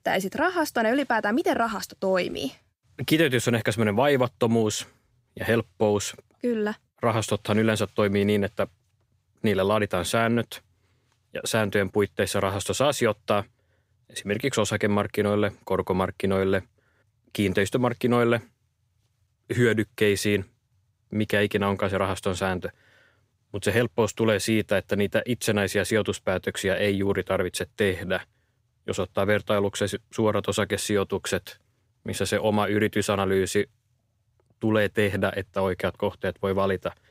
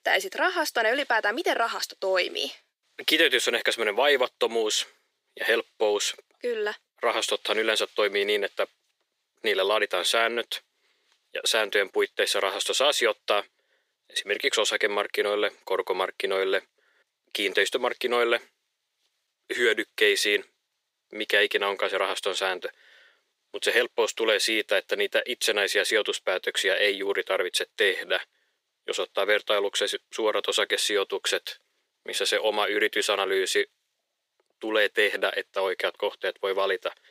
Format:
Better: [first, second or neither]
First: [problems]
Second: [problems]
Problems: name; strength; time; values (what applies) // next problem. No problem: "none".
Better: first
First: none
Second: thin; very; fading below 400 Hz